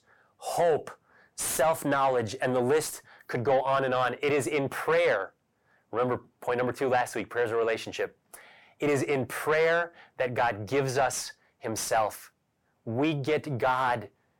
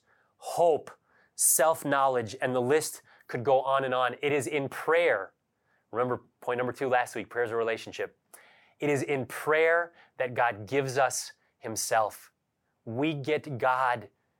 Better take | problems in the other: second | distortion; slight; 10 dB below the speech

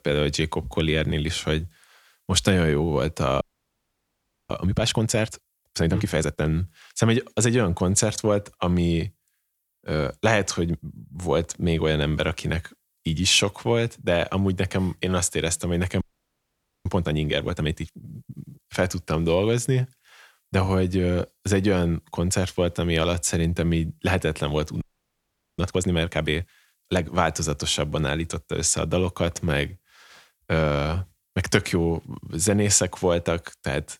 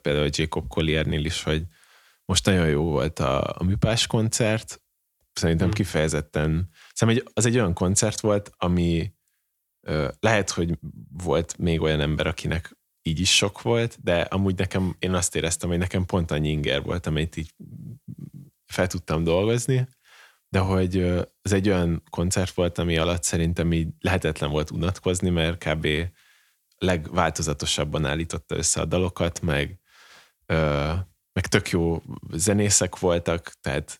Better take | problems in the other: second | audio freezing; at 3.5 s for 1 s, at 16 s for 1 s and at 25 s for 1 s

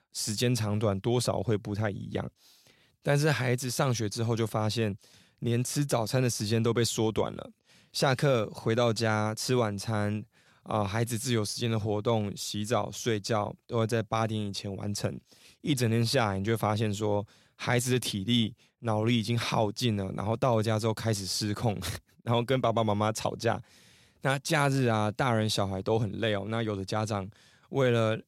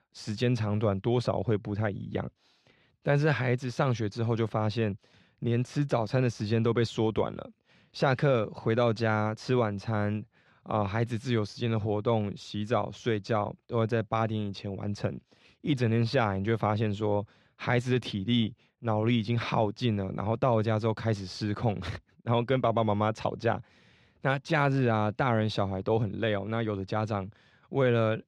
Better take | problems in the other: first | muffled; slightly; fading above 3 kHz

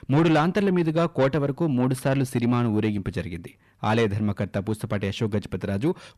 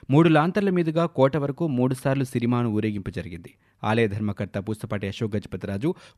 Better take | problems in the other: second | distortion; slight; 10 dB below the speech

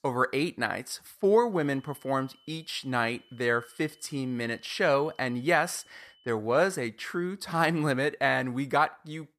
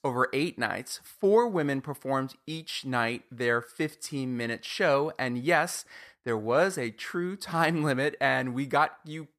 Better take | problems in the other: second | high-pitched whine; faint; from 1.5 to 6.5 s; 3 kHz, 30 dB below the speech

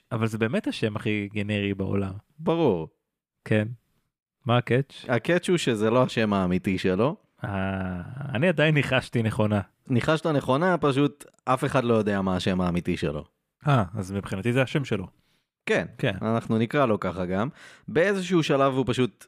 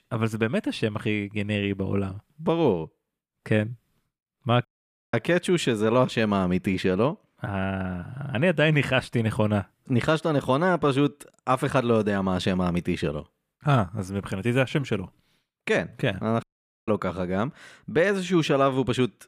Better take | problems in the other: first | audio cutting out; at 4.5 s and at 16 s

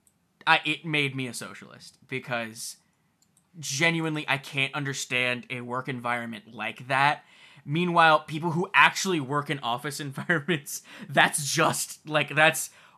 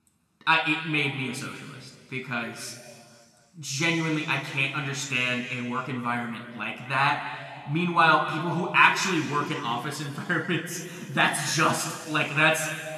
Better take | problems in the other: first | room echo; noticeable; dies away in 2.2 s

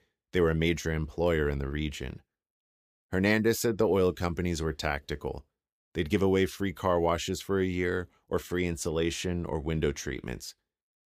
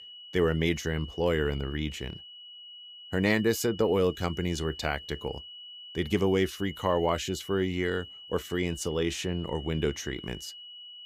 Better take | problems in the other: first | high-pitched whine; noticeable; throughout; 3 kHz, 15 dB below the speech

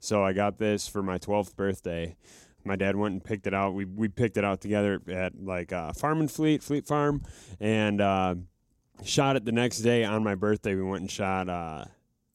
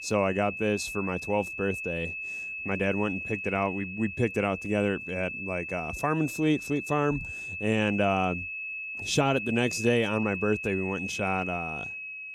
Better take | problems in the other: first | high-pitched whine; loud; throughout; 2.5 kHz, 6 dB below the speech

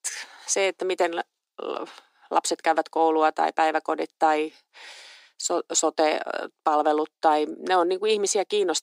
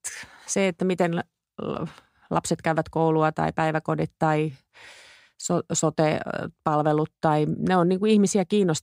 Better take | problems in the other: second | thin; very; fading below 300 Hz

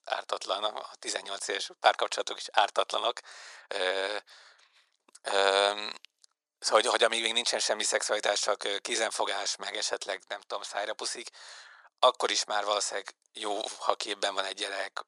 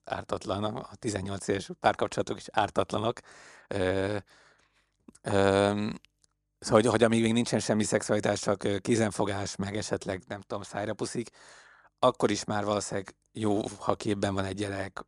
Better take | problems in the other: second | thin; very; fading below 600 Hz

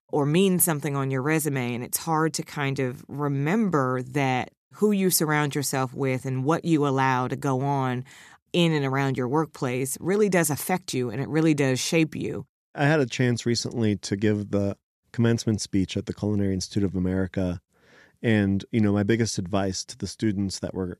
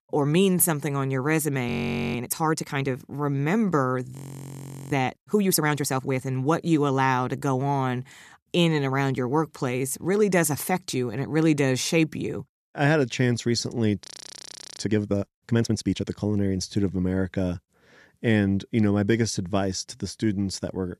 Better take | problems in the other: first | audio freezing; at 1.5 s, at 4 s for 1 s and at 14 s for 1 s

